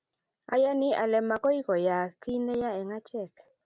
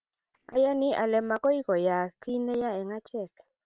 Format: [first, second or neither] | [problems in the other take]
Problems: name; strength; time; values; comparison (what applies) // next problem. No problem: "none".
first | noise reduction (neural separator model SepFormer WHAM!)